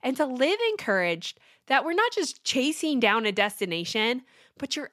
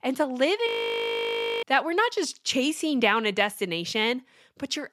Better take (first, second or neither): first